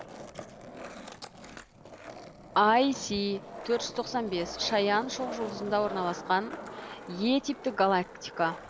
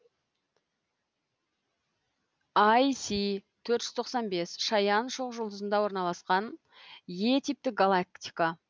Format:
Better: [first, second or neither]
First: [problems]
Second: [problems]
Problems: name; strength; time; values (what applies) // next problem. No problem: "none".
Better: second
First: background sound (Skateboard); 12 dB below the speech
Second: none